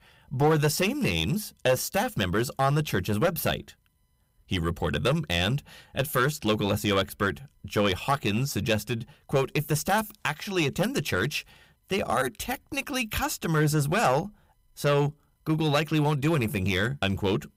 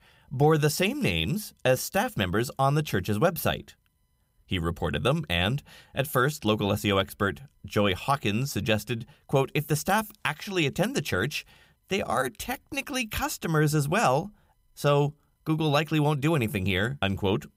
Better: second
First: distortion; slight; 4% of the sound clipped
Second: none

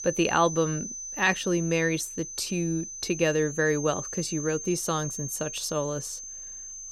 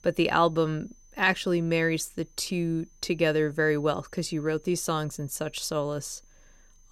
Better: second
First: high-pitched whine; loud; throughout; 6 kHz, 8 dB below the speech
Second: high-pitched whine; faint; throughout; 6 kHz, 30 dB below the speech

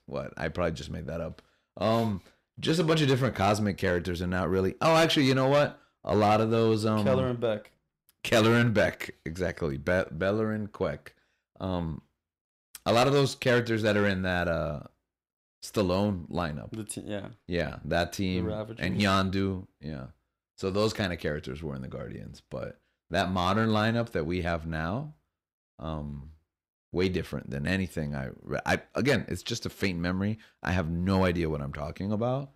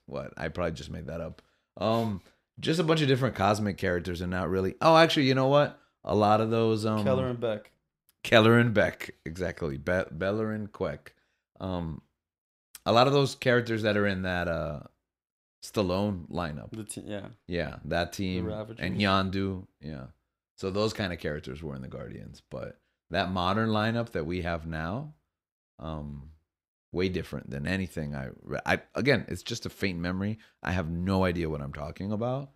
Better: second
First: distortion; slight; 2% of the sound clipped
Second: none

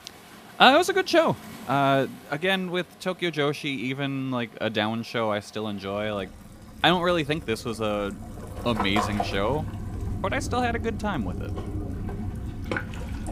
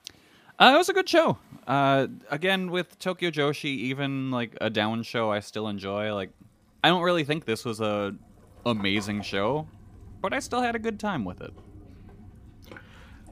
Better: second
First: rain or running water; loud; throughout; 10 dB below the speech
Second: rain or running water; faint; throughout; 25 dB below the speech

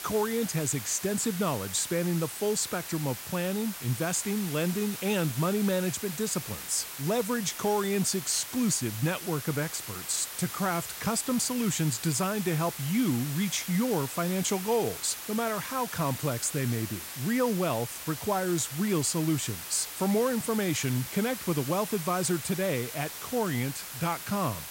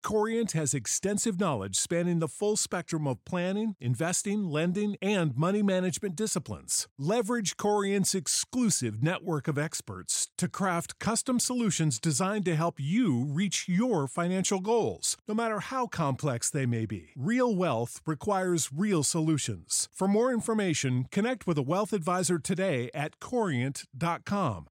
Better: second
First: hiss; loud; throughout; 8 dB below the speech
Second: none

